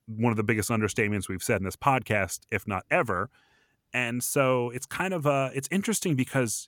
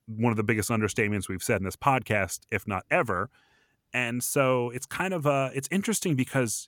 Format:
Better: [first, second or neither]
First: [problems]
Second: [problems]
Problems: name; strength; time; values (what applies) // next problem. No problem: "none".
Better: neither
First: none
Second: none